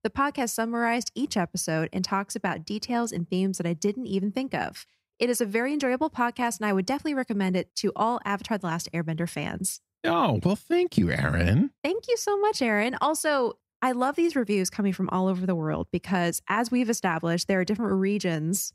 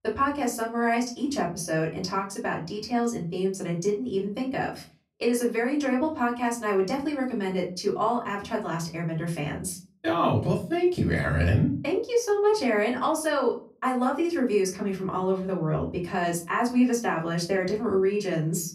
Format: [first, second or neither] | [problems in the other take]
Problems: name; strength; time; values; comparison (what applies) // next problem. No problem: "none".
first | off-mic speech; far // room echo; slight; dies away in 0.3 s